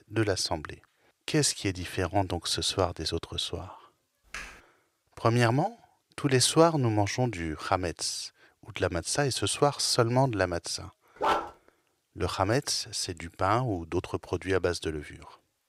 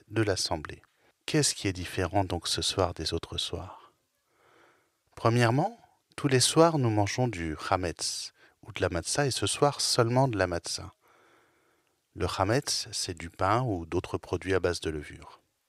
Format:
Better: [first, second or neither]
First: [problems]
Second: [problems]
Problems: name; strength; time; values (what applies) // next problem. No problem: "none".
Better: second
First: keyboard typing; faint; at 4.5 s; peak 15 dB below the speech // dog barking; noticeable; at 11 s; peak level with the speech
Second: none